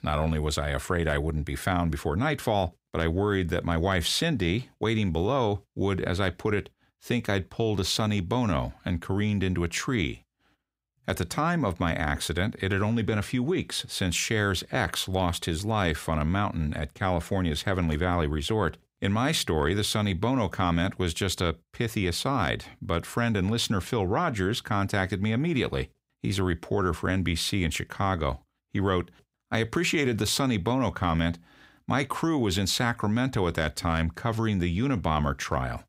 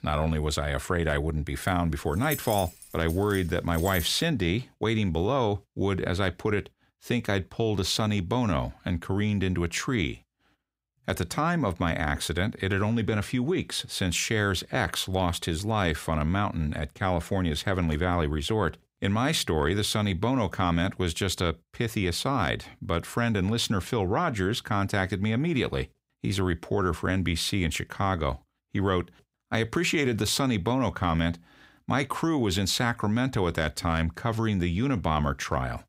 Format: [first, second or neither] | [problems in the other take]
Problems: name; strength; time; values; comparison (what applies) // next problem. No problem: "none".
first | jangling keys; noticeable; from 1.5 to 4 s; peak 7 dB below the speech